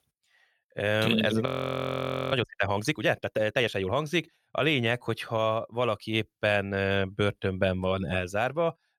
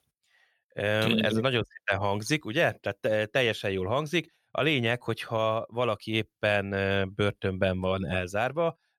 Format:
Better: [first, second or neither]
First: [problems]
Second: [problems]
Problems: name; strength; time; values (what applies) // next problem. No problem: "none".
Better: second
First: audio freezing; at 1.5 s for 1 s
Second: none